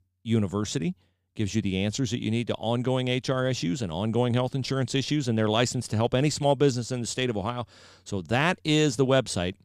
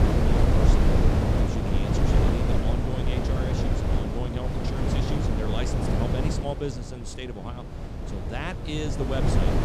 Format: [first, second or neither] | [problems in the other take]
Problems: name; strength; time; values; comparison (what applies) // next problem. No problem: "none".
first | wind noise on the microphone; heavy; 5 dB above the speech